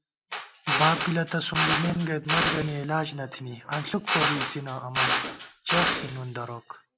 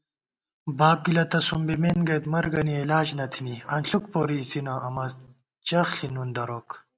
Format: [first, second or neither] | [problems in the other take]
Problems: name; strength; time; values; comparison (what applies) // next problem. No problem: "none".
second | background sound (Drill); as loud as the speech